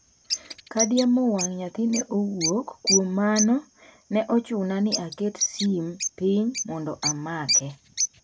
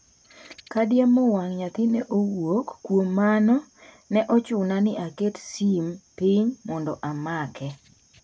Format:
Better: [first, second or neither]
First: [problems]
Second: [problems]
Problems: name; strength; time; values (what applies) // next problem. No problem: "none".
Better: second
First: background sound (Bird); 4 dB below the speech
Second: none